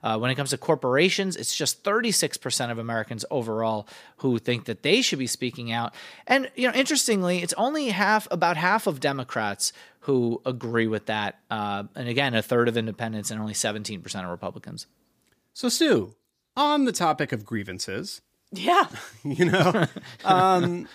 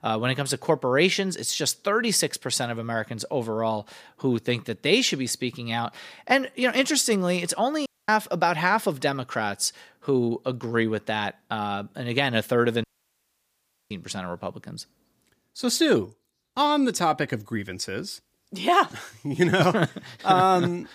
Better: first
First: none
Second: audio cutting out; at 8 s and at 13 s for 1 s

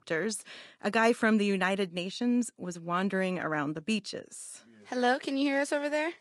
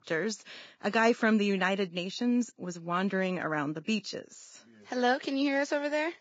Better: first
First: garbled, watery; slightly; nothing above 10.5 kHz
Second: garbled, watery; badly; nothing above 7.5 kHz

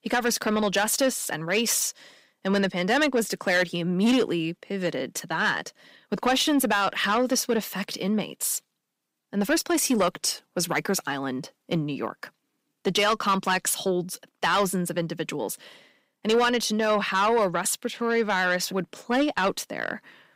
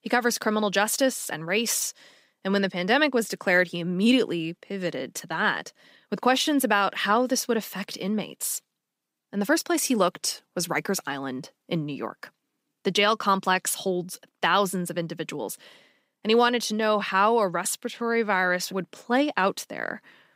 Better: second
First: distortion; slight; 10 dB below the speech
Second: none

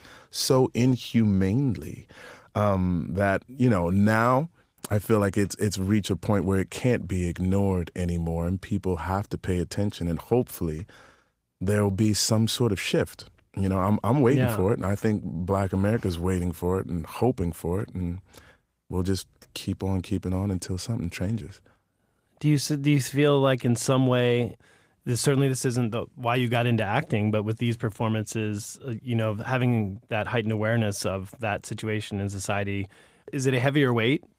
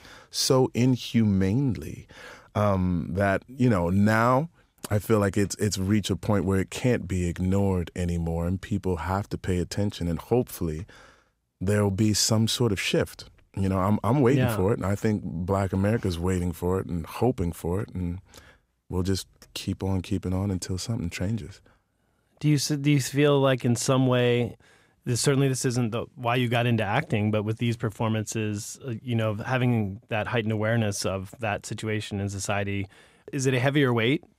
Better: second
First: garbled, watery; slightly; nothing above 15.5 kHz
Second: none

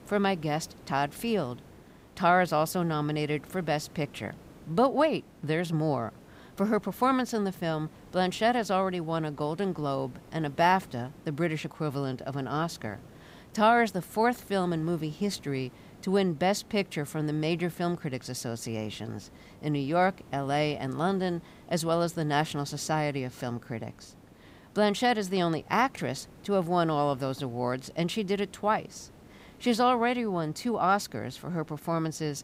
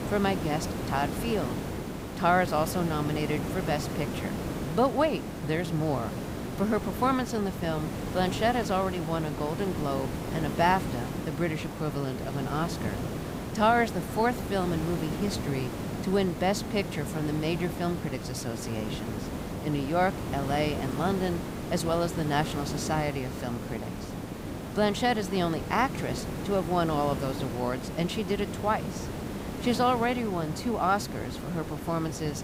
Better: first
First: hiss; faint; throughout; 25 dB below the speech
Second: hiss; loud; throughout; 5 dB below the speech

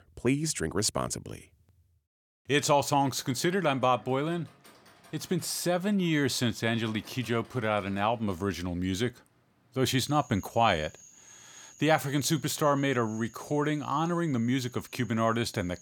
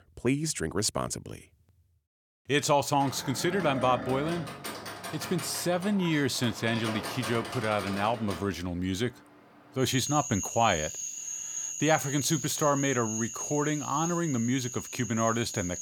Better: first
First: animal sounds; faint; from 3 s on; 25 dB below the speech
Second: animal sounds; loud; from 3 s on; 7 dB below the speech

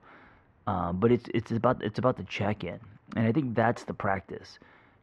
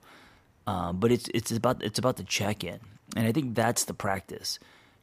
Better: second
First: muffled; very; fading above 1.5 kHz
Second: none

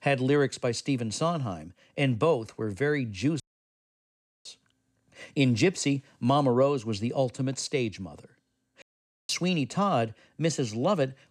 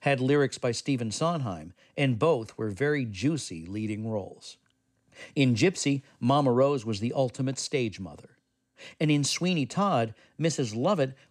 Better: second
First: audio cutting out; at 3.5 s for 1 s and at 9 s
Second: none

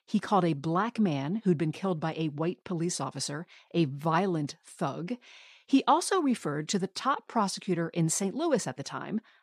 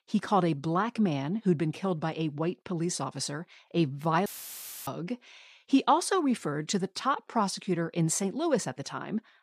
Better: first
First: none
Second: audio cutting out; filled with static; at 4.5 s for 0.5 s

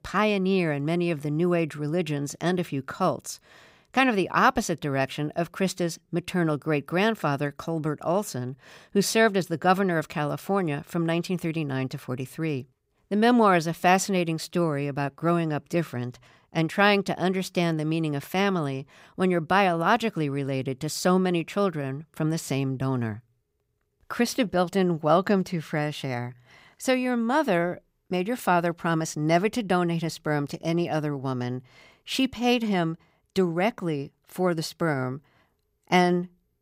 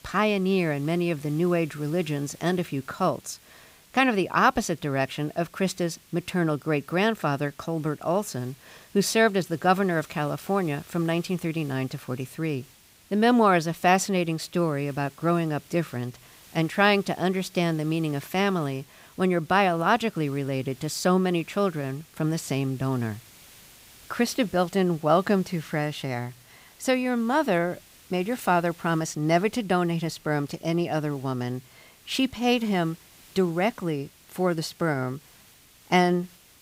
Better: first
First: none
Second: hiss; faint; throughout; 25 dB below the speech

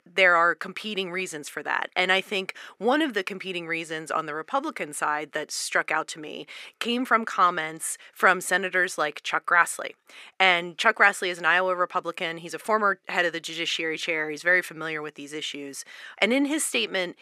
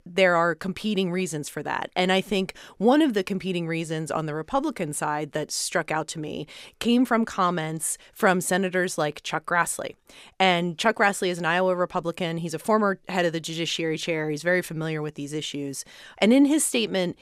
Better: second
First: thin; somewhat; fading below 300 Hz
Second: none

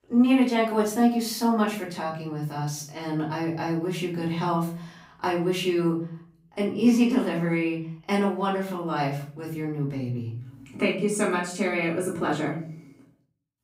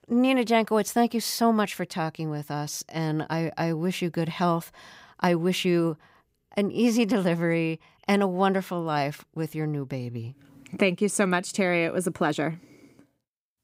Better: second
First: off-mic speech; far // room echo; slight; dies away in 0.4 s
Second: none

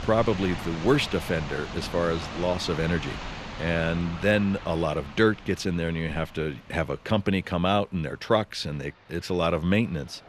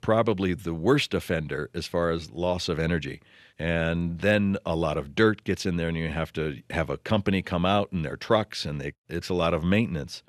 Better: second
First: rain or running water; noticeable; throughout; 10 dB below the speech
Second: none

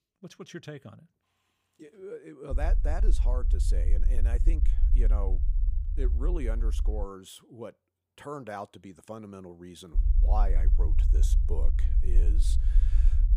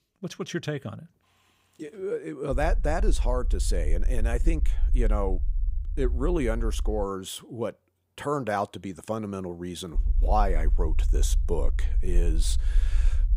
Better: second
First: low rumble; loud; from 2.5 to 7 s and from 10 s on; 9 dB below the speech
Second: low rumble; faint; from 2.5 to 7 s and from 10 s on; 20 dB below the speech

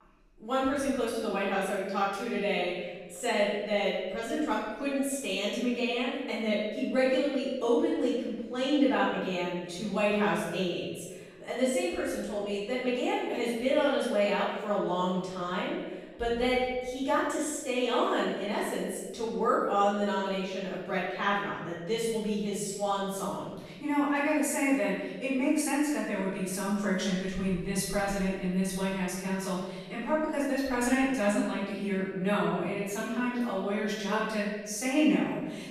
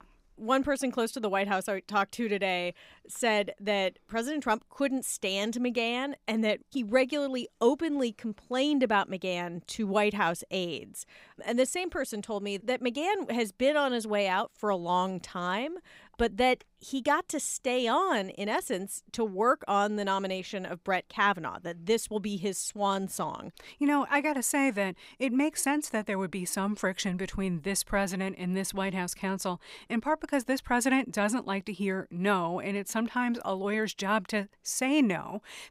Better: second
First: room echo; strong; dies away in 1.2 s // off-mic speech; far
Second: none

